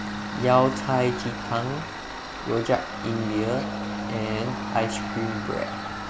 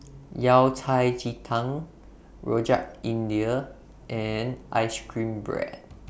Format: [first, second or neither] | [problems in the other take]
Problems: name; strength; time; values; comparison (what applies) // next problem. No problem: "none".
second | background sound (Tools + Bowed string instrument); 5 dB below the speech